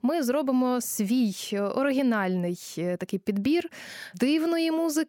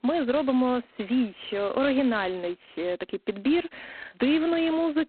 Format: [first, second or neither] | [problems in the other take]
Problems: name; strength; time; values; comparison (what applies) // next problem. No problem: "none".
first | phone-call audio; poor line; nothing above 4 kHz